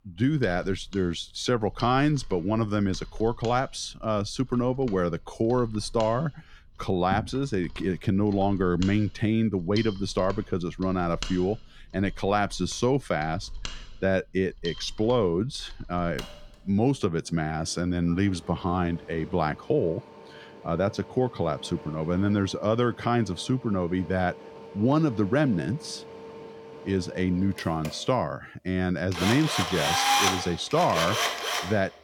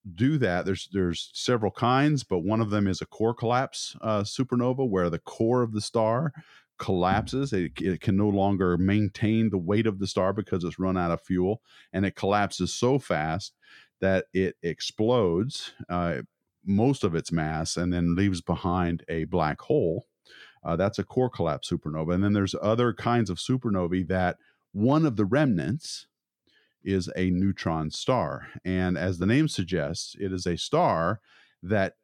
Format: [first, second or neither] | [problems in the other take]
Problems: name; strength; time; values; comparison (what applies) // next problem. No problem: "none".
second | machinery noise; loud; throughout; 6 dB below the speech